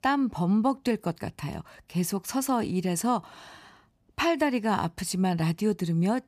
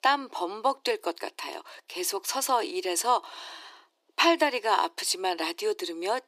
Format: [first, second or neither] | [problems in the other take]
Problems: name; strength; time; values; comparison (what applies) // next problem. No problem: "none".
first | thin; very; fading below 350 Hz